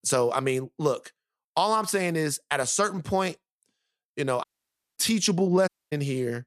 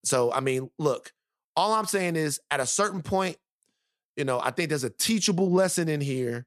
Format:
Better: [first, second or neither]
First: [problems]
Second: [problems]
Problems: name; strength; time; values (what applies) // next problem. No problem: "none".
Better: second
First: audio cutting out; at 4.5 s for 0.5 s and at 5.5 s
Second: none